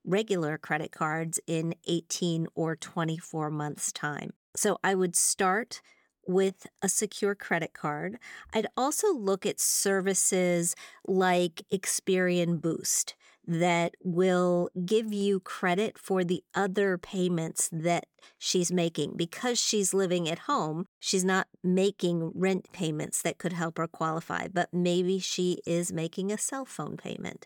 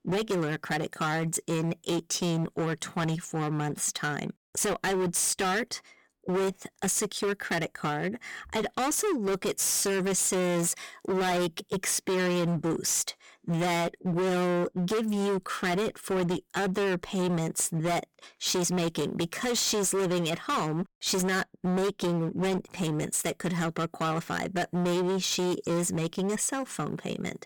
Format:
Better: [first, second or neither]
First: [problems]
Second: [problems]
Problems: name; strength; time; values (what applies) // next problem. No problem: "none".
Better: first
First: none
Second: distortion; heavy; 26% of the sound clipped